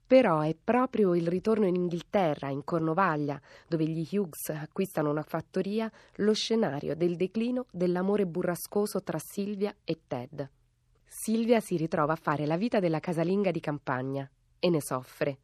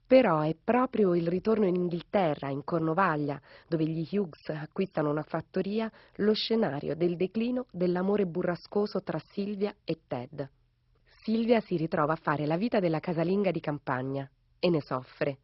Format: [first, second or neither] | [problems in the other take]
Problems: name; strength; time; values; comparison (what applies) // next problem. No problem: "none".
first | garbled, watery; badly; nothing above 5.5 kHz